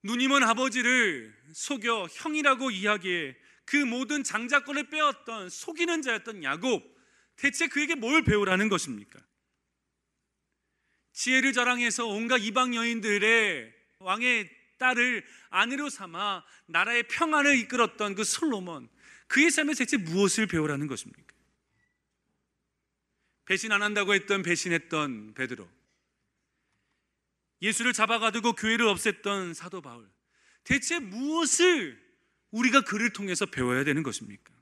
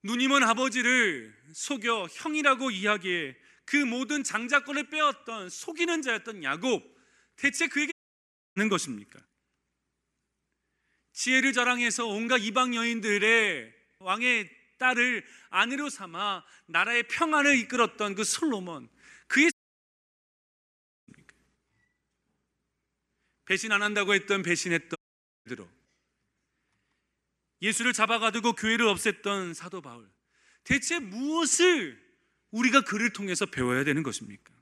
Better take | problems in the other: first | audio cutting out; at 8 s for 0.5 s, at 20 s for 1.5 s and at 25 s

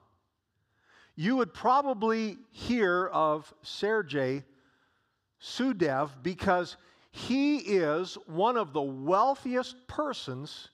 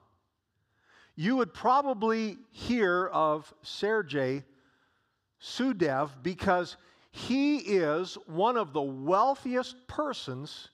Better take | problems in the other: neither | none

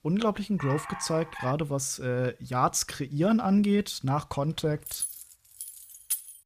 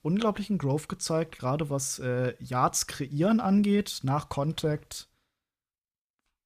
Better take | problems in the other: second | dog barking; noticeable; at 0.5 s; peak 9 dB below the speech // jangling keys; noticeable; from 5 s on; peak 4 dB below the speech

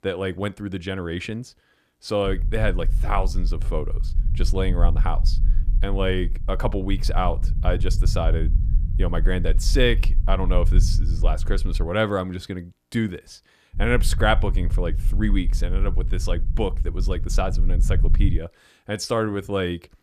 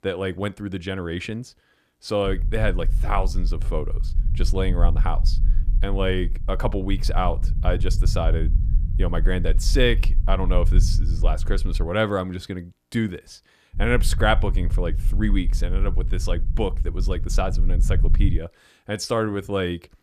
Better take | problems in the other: neither | low rumble; noticeable; from 2.5 to 12 s and from 14 to 18 s; 15 dB below the speech; the same in both

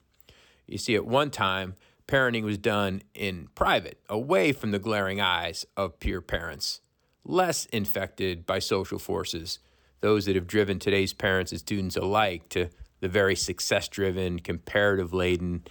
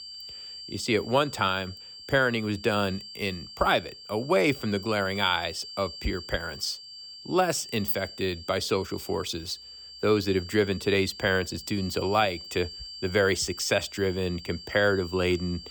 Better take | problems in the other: first | high-pitched whine; noticeable; throughout; 4.5 kHz, 15 dB below the speech

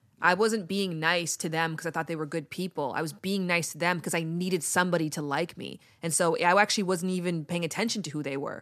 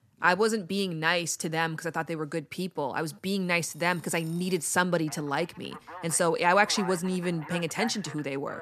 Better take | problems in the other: first | alarms or sirens; noticeable; from 4 s on; 15 dB below the speech

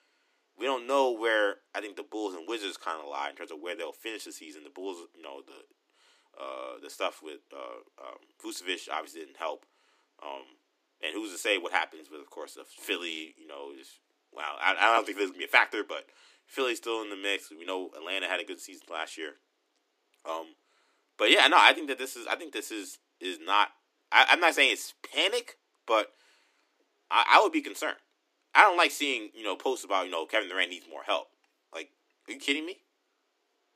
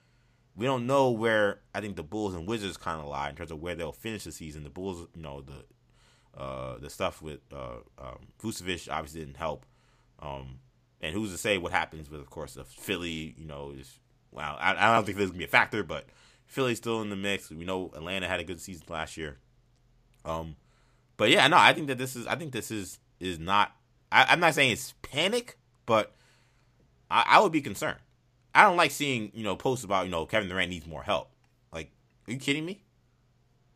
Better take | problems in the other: second | thin; somewhat; fading below 300 Hz

